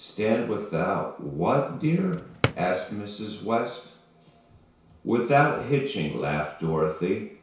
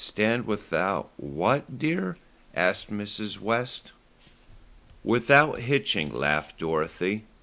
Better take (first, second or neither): second